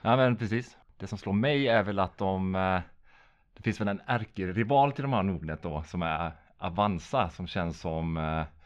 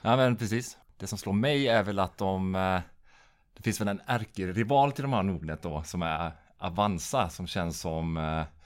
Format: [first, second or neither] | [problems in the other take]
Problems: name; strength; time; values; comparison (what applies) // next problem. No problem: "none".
second | muffled; slightly; fading above 3 kHz